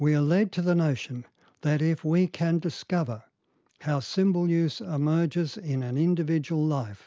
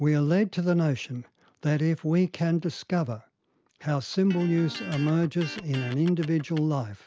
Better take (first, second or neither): first